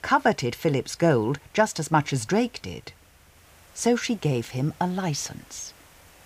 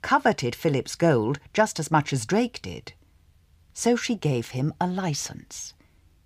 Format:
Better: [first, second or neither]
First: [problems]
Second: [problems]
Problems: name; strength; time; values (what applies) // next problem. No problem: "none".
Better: second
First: hiss; faint; throughout; 30 dB below the speech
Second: none